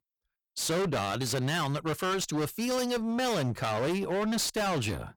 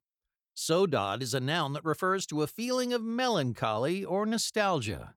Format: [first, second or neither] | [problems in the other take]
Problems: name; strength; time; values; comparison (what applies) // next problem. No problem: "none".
second | distortion; heavy; 32% of the sound clipped